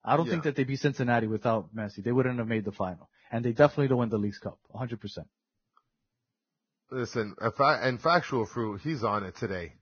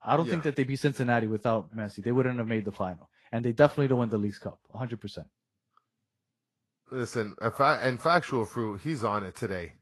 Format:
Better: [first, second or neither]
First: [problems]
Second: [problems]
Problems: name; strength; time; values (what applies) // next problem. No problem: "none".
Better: second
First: garbled, watery; badly; nothing above 6.5 kHz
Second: garbled, watery; slightly; nothing above 12 kHz